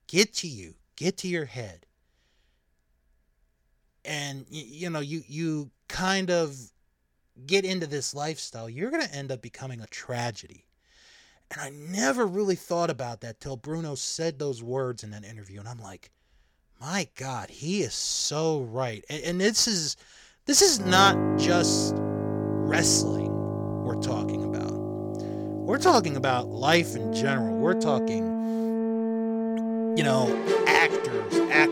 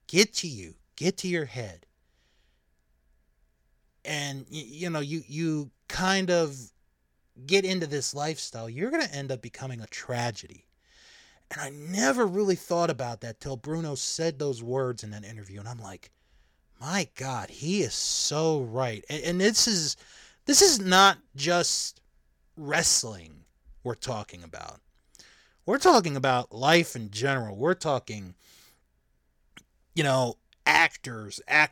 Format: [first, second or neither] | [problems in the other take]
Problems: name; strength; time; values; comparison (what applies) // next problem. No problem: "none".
second | background music; loud; from 21 s on; 2 dB below the speech